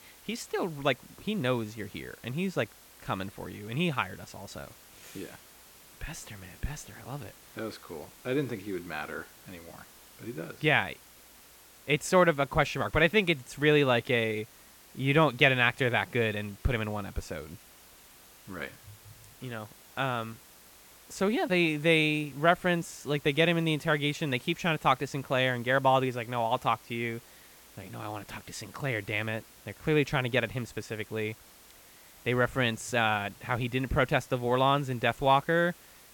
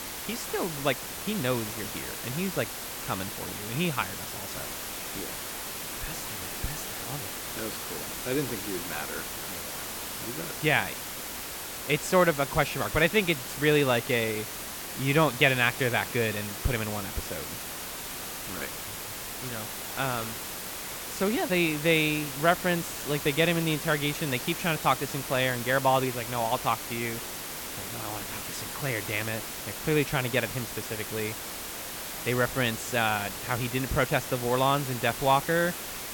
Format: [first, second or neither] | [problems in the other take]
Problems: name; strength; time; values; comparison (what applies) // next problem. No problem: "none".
first | hiss; loud; throughout; 7 dB below the speech; faint in the first